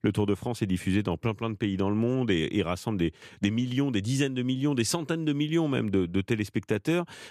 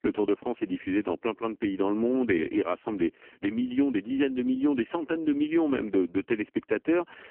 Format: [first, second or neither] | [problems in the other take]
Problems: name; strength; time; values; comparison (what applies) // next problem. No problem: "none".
first | phone-call audio; poor line